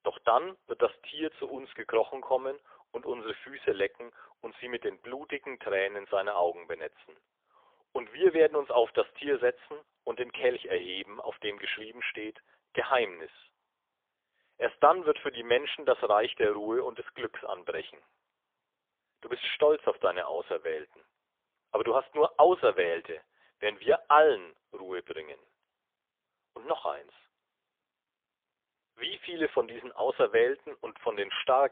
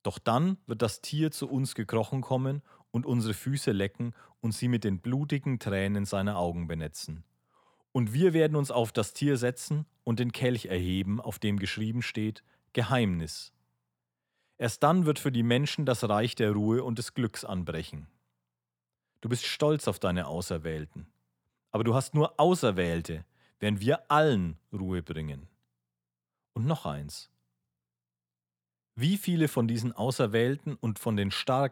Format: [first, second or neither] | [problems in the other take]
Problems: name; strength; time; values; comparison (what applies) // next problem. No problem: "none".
second | phone-call audio; poor line; nothing above 3.5 kHz